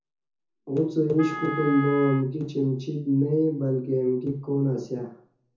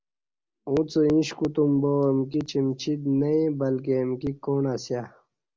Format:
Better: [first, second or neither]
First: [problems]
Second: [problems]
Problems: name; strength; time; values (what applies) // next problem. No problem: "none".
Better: second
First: background sound (Wind instrument, woodwind instrument); 10 dB below the speech // room echo; dies away in 0.6 s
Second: none